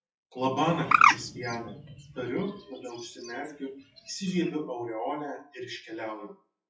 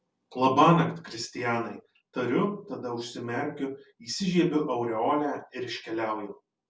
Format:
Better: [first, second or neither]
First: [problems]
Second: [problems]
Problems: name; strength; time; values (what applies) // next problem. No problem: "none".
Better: second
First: noise reduction (classical method WPE with log-MMSE)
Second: none